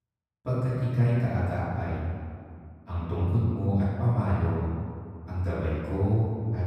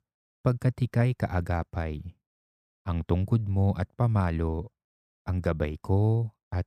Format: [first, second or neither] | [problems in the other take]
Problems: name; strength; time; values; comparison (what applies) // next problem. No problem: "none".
second | off-mic speech; far // room echo; strong; dies away in 2 s